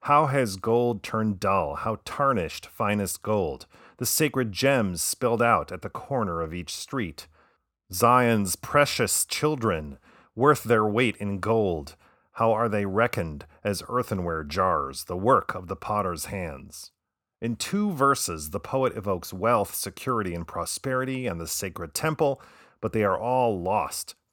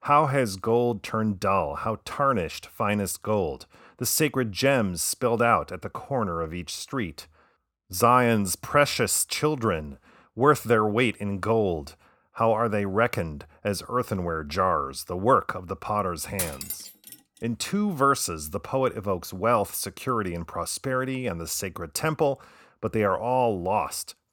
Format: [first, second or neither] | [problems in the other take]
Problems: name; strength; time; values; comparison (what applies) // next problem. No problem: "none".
first | clattering dishes; noticeable; at 16 s; peak 5 dB below the speech